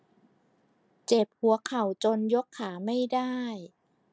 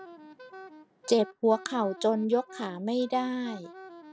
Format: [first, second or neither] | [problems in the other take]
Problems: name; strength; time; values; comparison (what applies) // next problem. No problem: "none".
first | background sound (Wind instrument, woodwind instrument); 18 dB below the speech